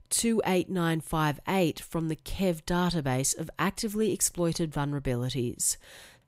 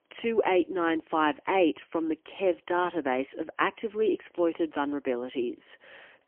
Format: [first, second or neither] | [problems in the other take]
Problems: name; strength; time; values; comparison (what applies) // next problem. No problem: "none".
first | phone-call audio; poor line; nothing above 3 kHz